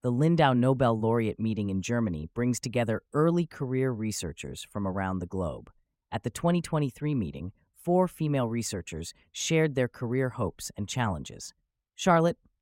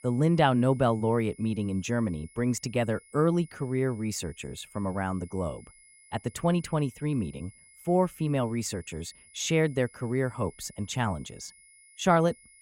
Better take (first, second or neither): first